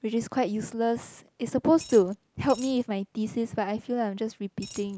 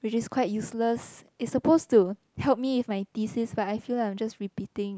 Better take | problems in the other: second | background sound (Coin (dropping)); 16 dB below the speech

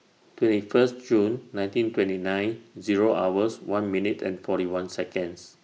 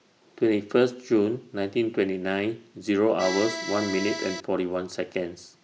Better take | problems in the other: first | background sound (Accordion); 6 dB below the speech

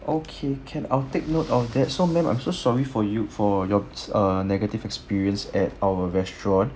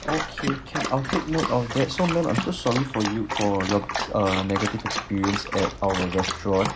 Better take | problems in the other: first | background sound (Dog); 5 dB below the speech

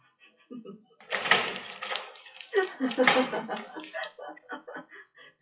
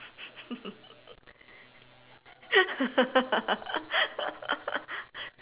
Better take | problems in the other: second | noise reduction (classical method WPE with log-MMSE)

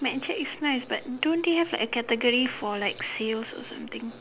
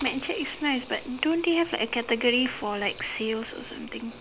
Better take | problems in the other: first | background sound (Hiss); 19 dB below the speech

